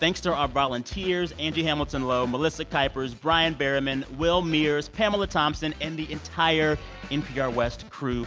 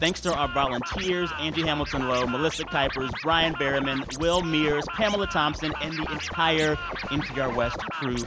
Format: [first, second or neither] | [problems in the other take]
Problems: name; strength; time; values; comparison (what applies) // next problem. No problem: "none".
first | background sound (Scratching (performance technique)); 7 dB below the speech